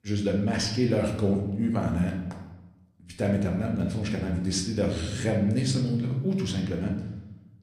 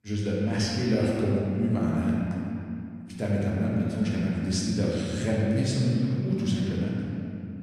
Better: first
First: room echo; slight; dies away in 0.8 s // off-mic speech; somewhat distant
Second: room echo; strong; dies away in 2.5 s // off-mic speech; far

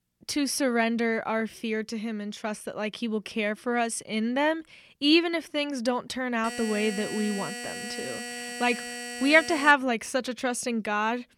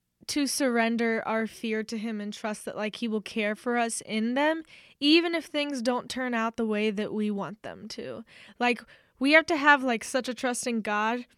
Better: second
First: alarm; noticeable; from 6.5 to 9.5 s; peak 8 dB below the speech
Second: none

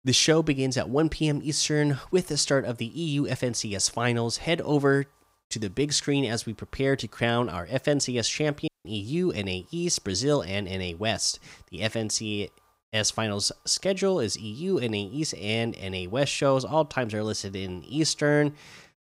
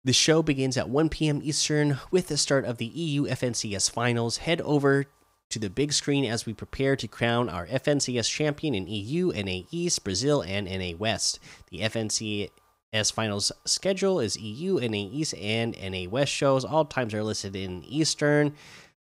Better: second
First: audio cutting out; at 8.5 s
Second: none

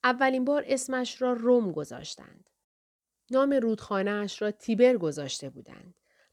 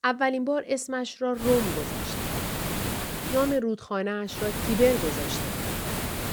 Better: first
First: none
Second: hiss; loud; from 1.5 to 3.5 s and from 4.5 s on; 3 dB below the speech

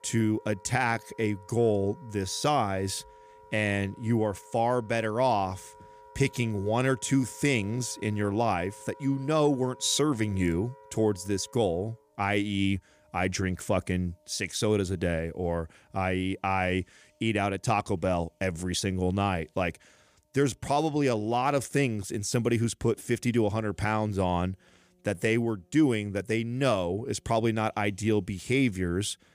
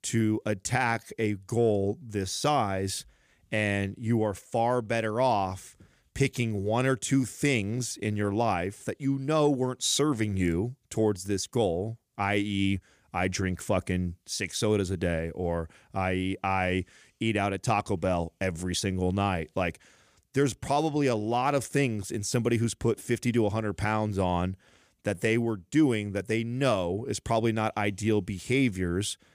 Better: second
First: background music; faint; throughout; 25 dB below the speech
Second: none

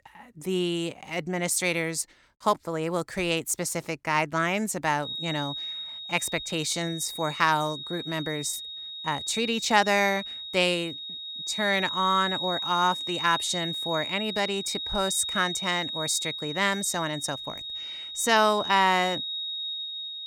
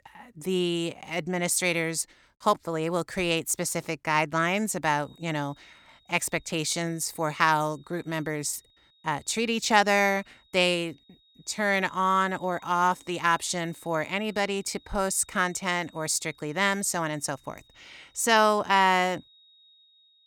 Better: second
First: high-pitched whine; loud; from 5 s on; 4 kHz, 5 dB below the speech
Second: high-pitched whine; faint; from 5 s on; 4 kHz, 30 dB below the speech

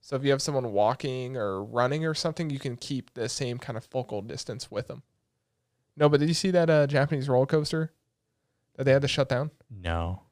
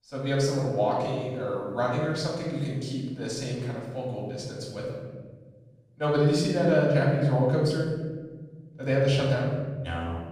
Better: first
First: none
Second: room echo; noticeable; dies away in 1.5 s // off-mic speech; far

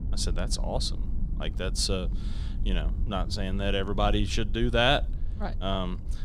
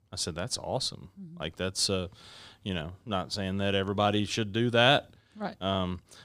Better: second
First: low rumble; faint; throughout; 20 dB below the speech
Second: none

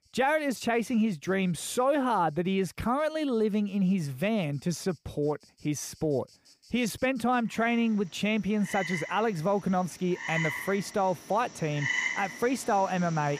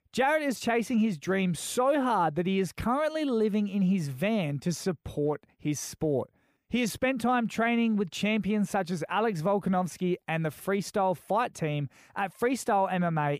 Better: second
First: animal sounds; loud; throughout; 6 dB below the speech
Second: none

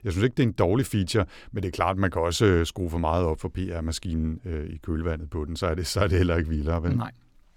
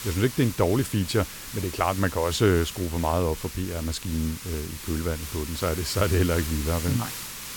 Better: first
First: none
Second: hiss; loud; throughout; 9 dB below the speech

